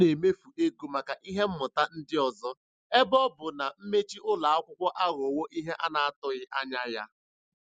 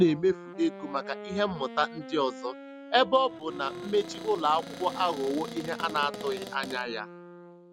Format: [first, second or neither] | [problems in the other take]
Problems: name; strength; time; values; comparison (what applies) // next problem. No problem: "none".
first | background sound (Wind instrument, woodwind instrument + Cupboard open or close); 12 dB below the speech